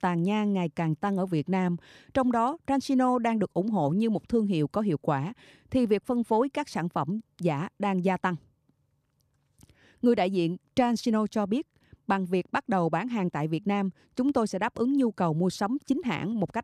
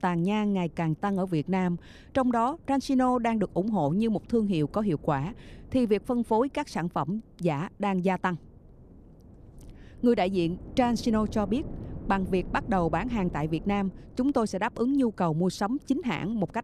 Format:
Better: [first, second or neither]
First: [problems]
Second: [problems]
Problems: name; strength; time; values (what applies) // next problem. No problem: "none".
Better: first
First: none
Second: wind noise on the microphone; occasional gusts; 25 dB below the speech